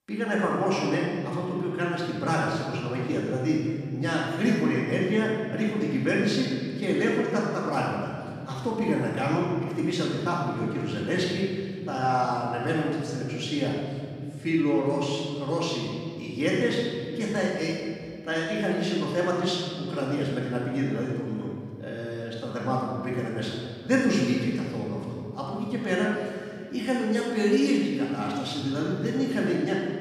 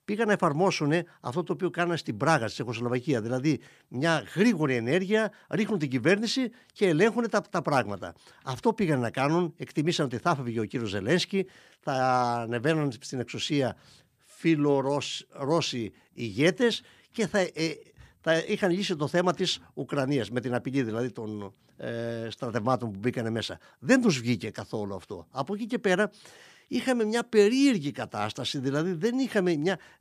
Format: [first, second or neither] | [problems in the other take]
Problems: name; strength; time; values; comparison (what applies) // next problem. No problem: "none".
second | off-mic speech; far // room echo; strong; dies away in 2.5 s